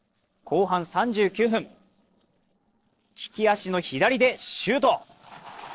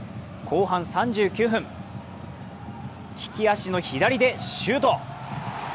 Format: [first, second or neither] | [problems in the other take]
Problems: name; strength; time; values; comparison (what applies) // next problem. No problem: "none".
second | noise reduction (neural separator model SepFormer DNS4)